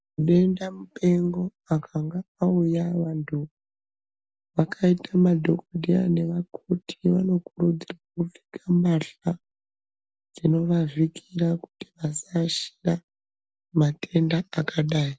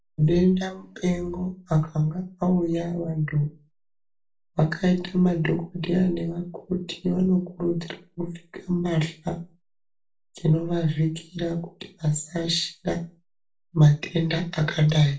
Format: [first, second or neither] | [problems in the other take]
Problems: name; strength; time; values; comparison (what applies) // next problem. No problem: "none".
first | room echo; dies away in 0.2 s